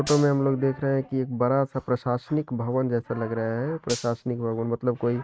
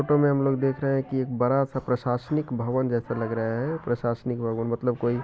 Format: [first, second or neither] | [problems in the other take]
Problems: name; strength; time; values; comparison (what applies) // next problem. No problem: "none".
second | noise reduction (neural mask model RNNoise)